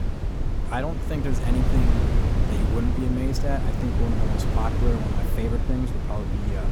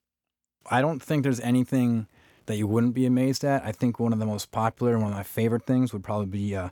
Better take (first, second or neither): second